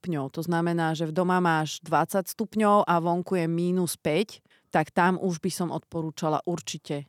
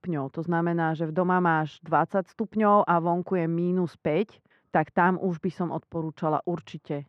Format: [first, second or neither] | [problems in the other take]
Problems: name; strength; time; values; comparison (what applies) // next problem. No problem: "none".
first | muffled; very; fading above 1.5 kHz